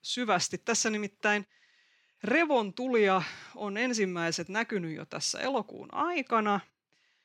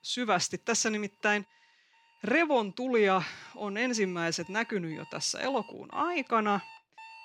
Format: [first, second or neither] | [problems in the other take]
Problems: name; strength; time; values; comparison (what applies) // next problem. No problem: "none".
first | alarms or sirens; faint; throughout; 25 dB below the speech